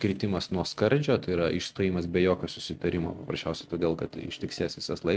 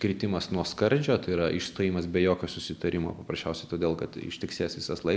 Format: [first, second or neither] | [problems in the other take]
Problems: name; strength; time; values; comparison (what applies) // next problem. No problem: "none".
second | noise reduction (neural mask model RNNoise)